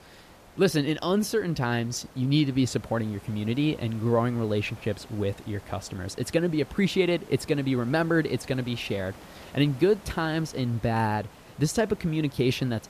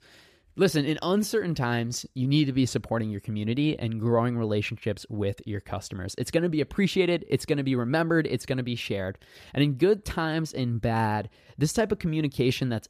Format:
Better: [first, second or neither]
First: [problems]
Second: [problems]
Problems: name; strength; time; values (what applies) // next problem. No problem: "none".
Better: second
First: hiss; faint; throughout; 20 dB below the speech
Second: none